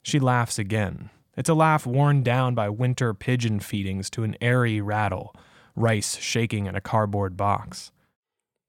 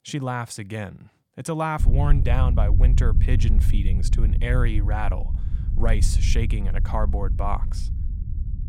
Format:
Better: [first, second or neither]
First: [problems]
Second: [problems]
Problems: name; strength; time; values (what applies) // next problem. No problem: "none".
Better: first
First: none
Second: low rumble; noticeable; from 2 s on; 10 dB below the speech